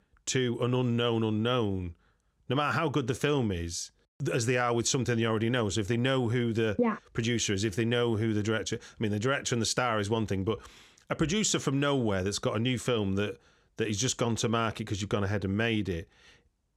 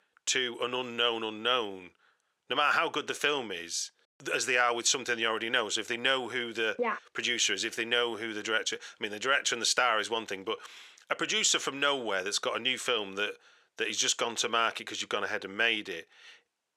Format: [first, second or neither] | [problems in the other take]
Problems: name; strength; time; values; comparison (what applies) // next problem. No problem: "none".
first | thin; very; fading below 550 Hz